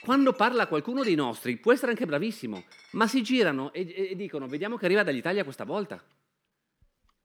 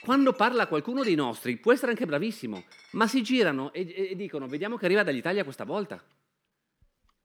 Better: neither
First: household noises; faint; throughout; 20 dB below the speech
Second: household noises; faint; throughout; 20 dB below the speech

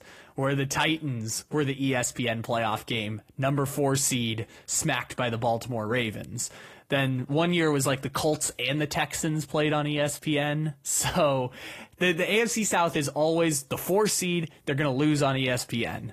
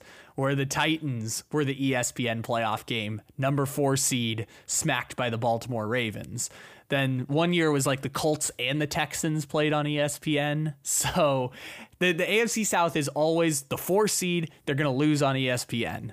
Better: second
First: garbled, watery; slightly; nothing above 15 kHz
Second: none

